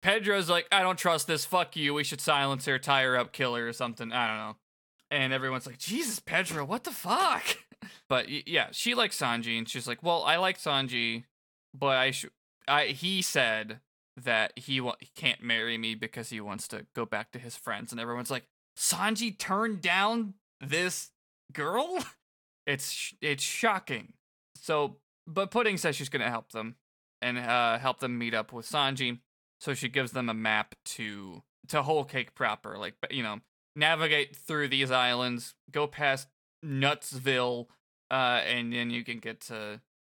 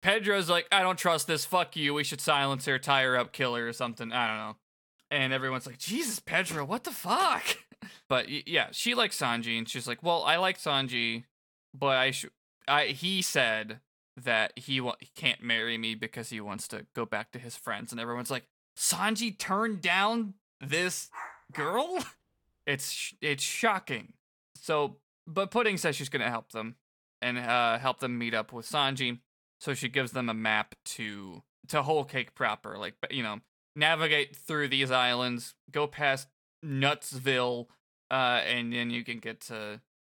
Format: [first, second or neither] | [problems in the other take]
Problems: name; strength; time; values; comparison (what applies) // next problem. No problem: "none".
first | dog barking; faint; at 21 s; peak 15 dB below the speech